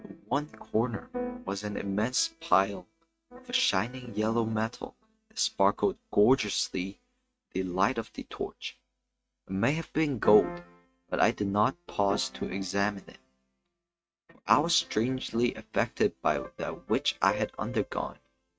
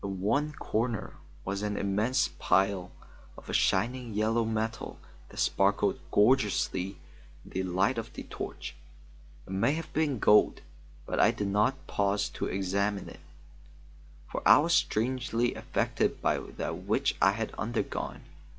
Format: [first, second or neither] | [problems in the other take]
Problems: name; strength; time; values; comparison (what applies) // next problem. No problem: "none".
second | noise reduction (neural mask model RNNoise)